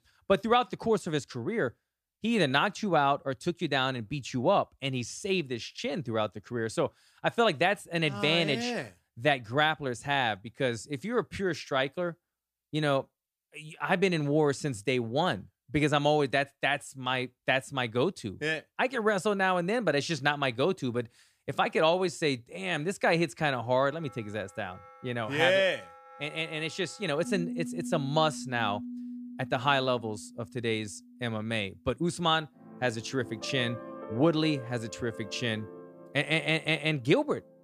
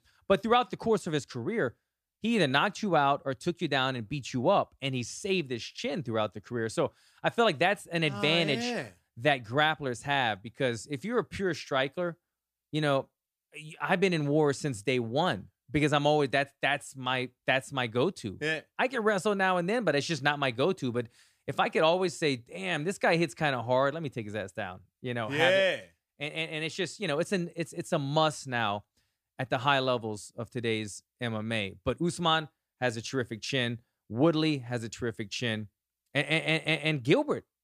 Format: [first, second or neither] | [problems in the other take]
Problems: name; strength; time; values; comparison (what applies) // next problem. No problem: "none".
second | background music; noticeable; from 24 s on; 15 dB below the speech